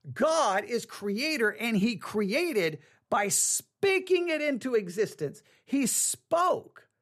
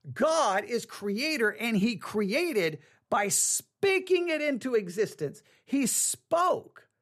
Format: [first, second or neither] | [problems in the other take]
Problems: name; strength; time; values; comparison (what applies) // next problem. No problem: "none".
neither | none